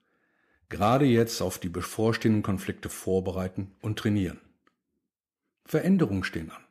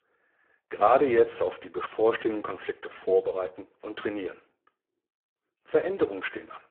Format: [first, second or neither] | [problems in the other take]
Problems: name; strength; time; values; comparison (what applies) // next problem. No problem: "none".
first | phone-call audio; poor line